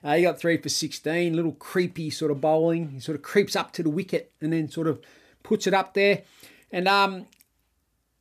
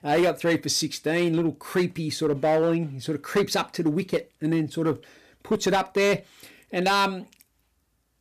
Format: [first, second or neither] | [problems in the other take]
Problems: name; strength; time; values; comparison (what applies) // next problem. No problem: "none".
first | distortion; slight; 6% of the sound clipped